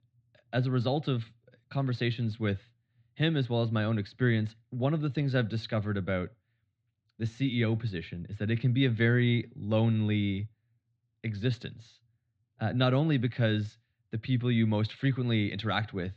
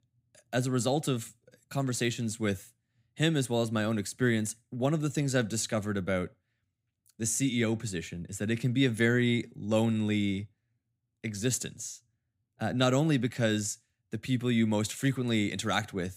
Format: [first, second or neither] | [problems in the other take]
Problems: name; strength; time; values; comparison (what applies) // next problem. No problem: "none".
second | muffled; slightly; fading above 4 kHz